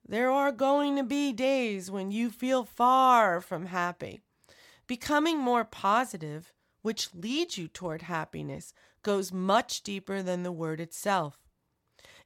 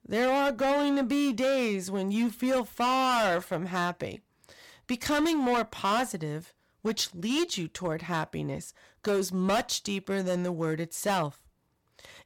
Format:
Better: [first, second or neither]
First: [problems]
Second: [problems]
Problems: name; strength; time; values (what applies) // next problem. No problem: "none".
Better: first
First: none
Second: distortion; heavy; 12% of the sound clipped